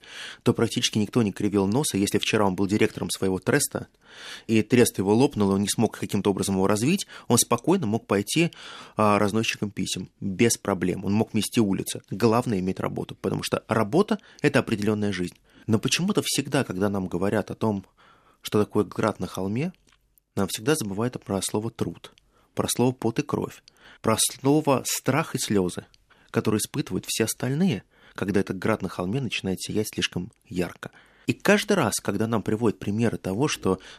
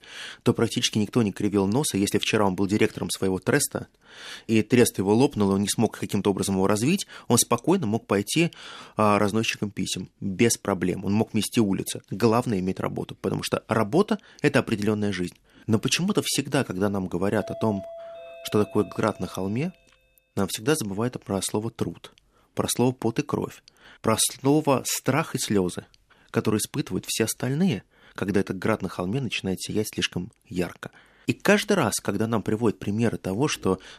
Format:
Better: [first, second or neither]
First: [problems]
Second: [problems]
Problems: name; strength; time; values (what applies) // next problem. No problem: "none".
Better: first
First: none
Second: doorbell; faint; from 17 to 20 s; peak 10 dB below the speech